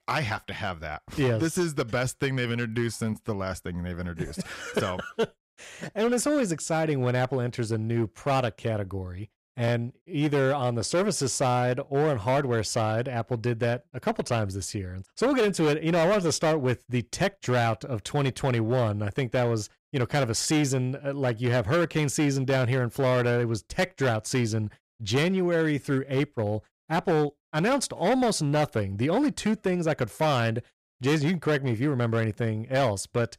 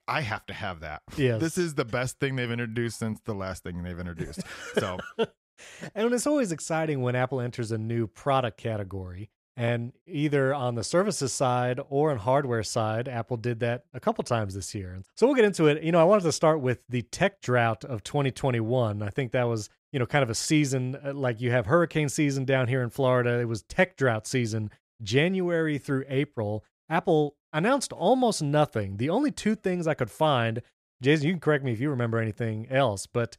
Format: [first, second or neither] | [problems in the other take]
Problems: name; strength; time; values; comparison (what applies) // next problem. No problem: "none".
second | distortion; slight; 9% of the sound clipped